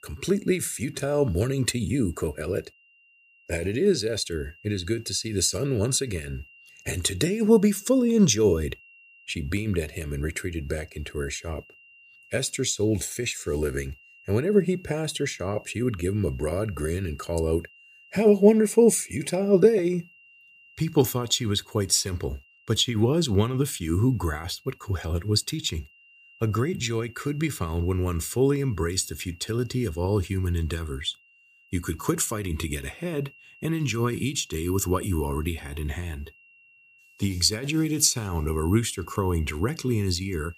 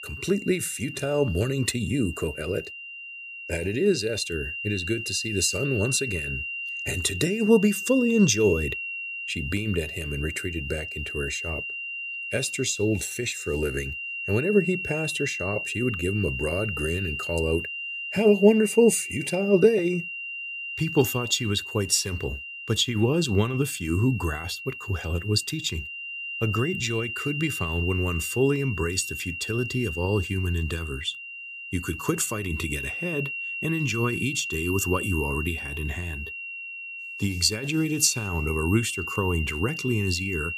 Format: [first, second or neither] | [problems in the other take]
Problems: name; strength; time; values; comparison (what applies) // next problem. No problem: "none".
first | high-pitched whine; loud; throughout; 3 kHz, 6 dB below the speech; faint in the first